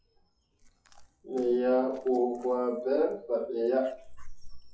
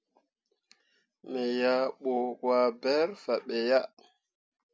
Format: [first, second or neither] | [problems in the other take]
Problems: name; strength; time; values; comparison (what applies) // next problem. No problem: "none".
second | noise reduction (classical method WPE with log-MMSE)